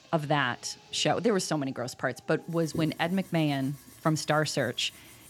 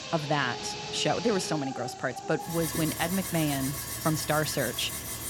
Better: first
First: machinery noise; faint; throughout; 25 dB below the speech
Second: machinery noise; loud; throughout; 5 dB below the speech

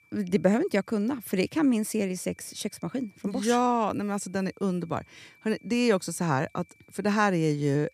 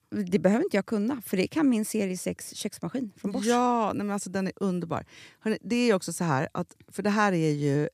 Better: second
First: high-pitched whine; faint; throughout; 2.5 kHz, 35 dB below the speech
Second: none

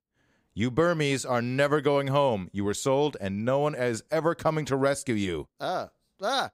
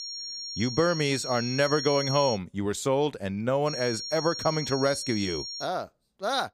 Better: first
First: none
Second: high-pitched whine; loud; until 2.5 s and from 3.5 to 5.5 s; 5.5 kHz, 6 dB below the speech

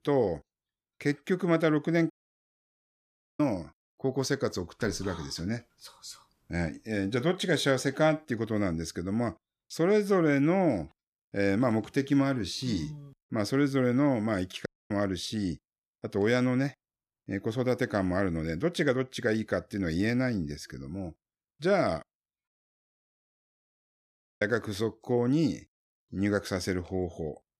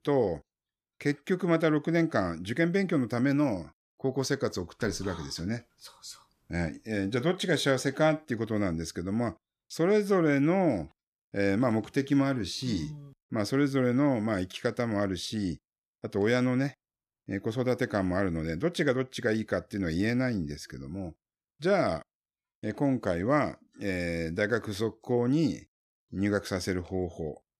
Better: second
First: audio cutting out; at 2 s for 1.5 s, at 15 s and at 22 s for 2 s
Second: none

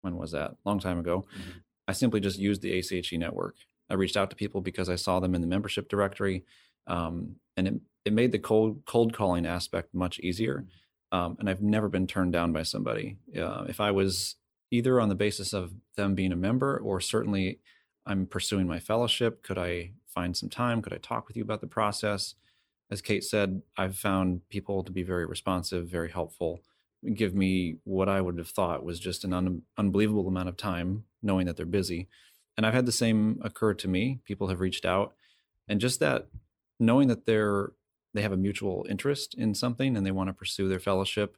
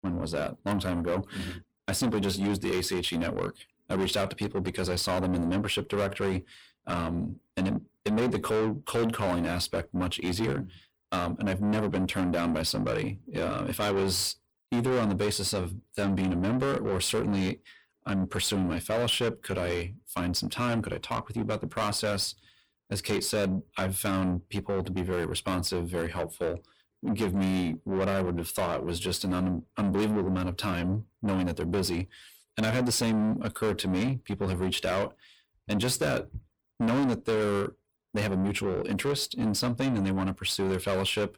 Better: first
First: none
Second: distortion; heavy; 6 dB below the speech

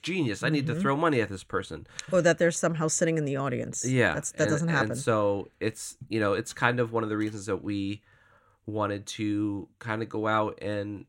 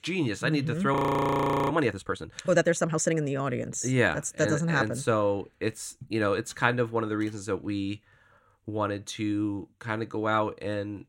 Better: first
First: none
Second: audio freezing; at 1 s for 1 s

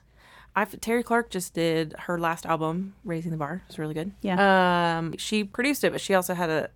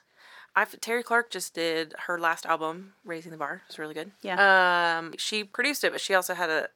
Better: first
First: none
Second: thin; somewhat; fading below 350 Hz

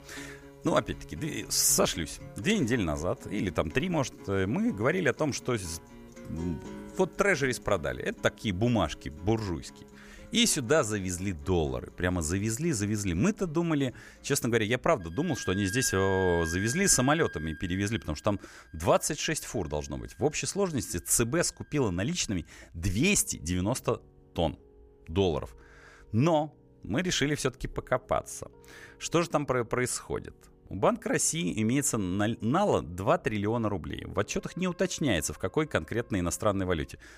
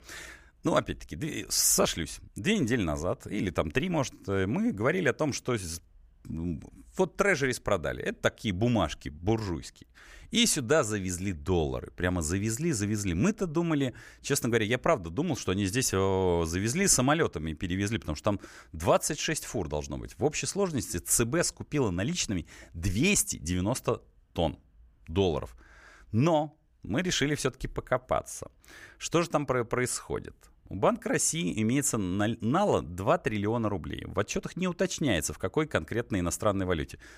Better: second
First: background music; noticeable; throughout; 15 dB below the speech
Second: none

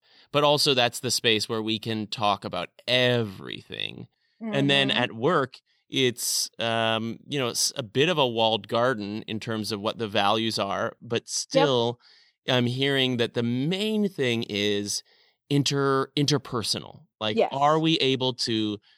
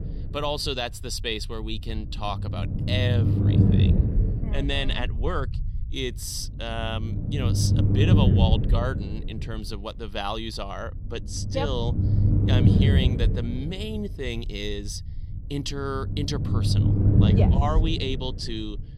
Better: first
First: none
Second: low rumble; loud; throughout; 2 dB below the speech

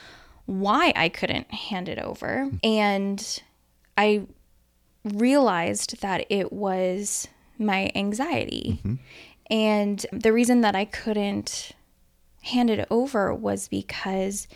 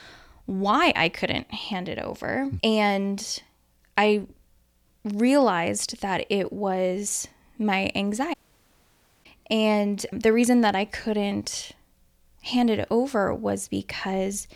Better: first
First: none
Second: audio cutting out; at 8.5 s for 1 s

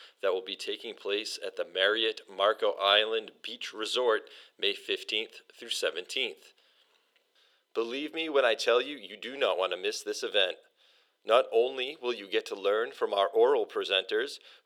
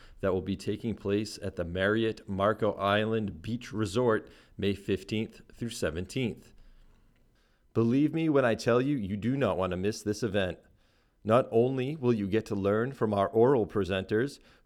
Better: second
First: thin; very; fading below 450 Hz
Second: none

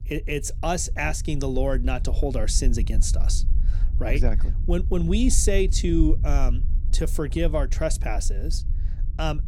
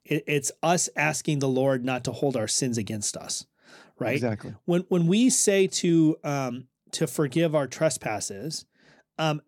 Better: second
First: low rumble; noticeable; throughout; 20 dB below the speech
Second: none

